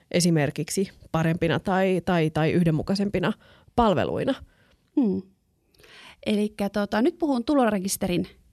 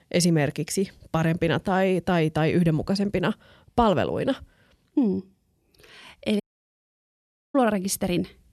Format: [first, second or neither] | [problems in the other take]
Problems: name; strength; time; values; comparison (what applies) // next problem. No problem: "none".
first | audio cutting out; at 6.5 s for 1 s